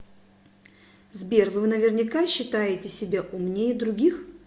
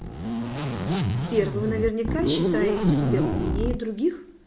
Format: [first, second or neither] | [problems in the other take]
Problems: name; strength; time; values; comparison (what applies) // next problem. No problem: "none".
first | background sound (Zipper (clothing)); 3 dB above the speech